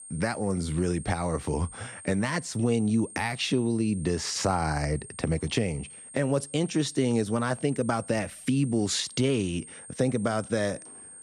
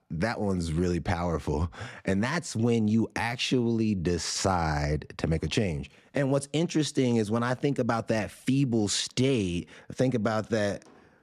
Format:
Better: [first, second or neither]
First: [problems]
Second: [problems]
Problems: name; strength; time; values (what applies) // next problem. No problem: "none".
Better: second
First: high-pitched whine; noticeable; throughout; 8.5 kHz, 15 dB below the speech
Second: none